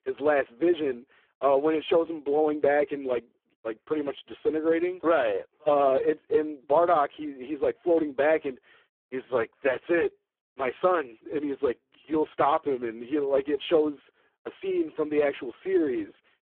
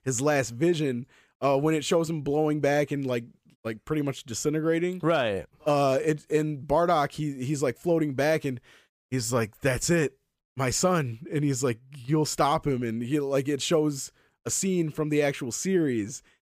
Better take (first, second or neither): second